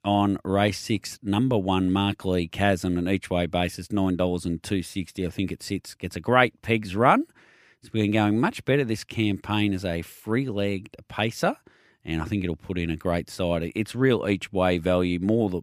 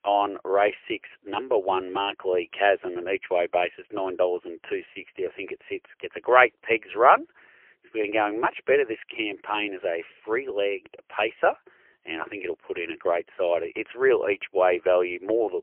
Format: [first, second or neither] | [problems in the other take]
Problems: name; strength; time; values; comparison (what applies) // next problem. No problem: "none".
first | phone-call audio; poor line; nothing above 3 kHz